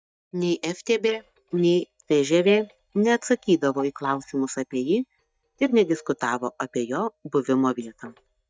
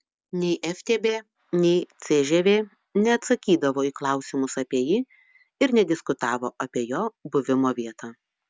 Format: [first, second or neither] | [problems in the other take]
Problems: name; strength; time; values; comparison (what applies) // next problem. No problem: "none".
second | noise reduction (neural mask model DeepFilterNet 3)